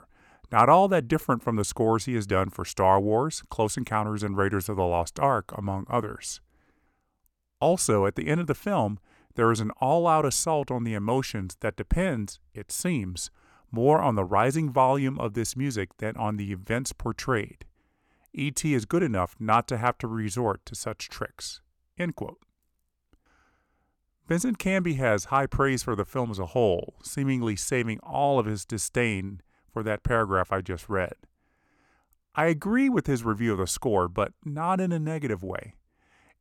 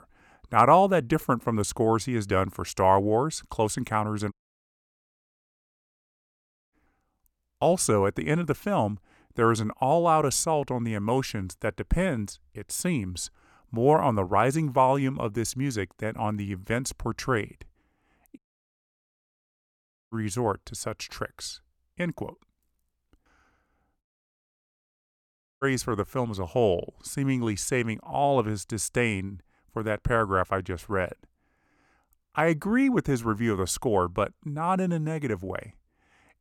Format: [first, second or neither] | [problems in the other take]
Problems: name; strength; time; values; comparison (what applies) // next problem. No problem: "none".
first | audio cutting out; at 4.5 s for 2.5 s, at 18 s for 1.5 s and at 24 s for 1.5 s